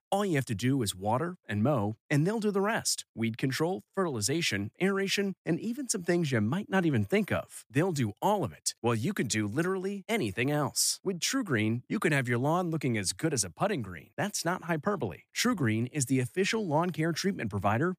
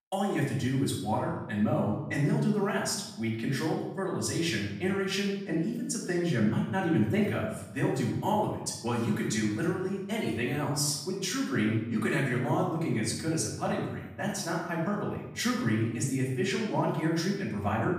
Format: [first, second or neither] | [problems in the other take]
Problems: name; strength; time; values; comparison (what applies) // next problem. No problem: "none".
first | off-mic speech; far // room echo; noticeable; dies away in 0.8 s